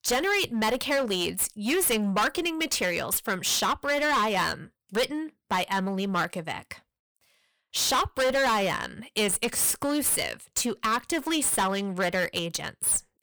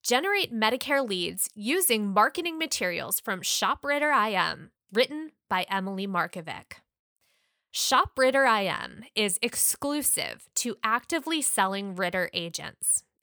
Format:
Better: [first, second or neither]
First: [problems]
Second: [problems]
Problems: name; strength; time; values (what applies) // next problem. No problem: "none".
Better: second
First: distortion; heavy; 15% of the sound clipped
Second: none